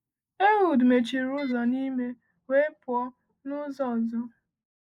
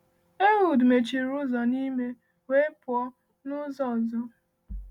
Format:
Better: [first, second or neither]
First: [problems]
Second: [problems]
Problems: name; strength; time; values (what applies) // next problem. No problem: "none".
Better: second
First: noise reduction (neural mask model Resemble Enhance denoiser)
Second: none